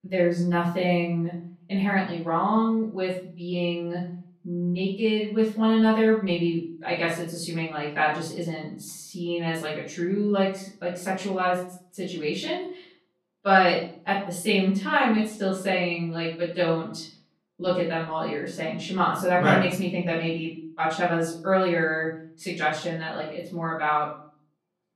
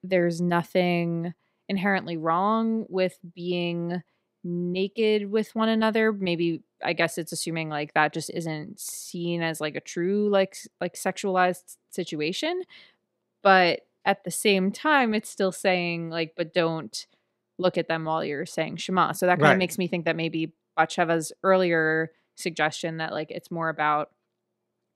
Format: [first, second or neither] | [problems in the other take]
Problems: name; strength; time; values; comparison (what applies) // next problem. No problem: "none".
second | off-mic speech; far // room echo; noticeable; dies away in 0.5 s